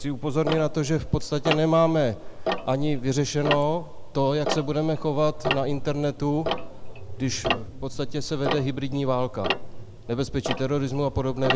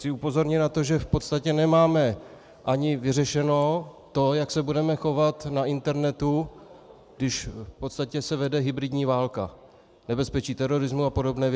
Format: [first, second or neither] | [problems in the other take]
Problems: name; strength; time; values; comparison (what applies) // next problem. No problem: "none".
second | background sound (Tick-tock); 5 dB below the speech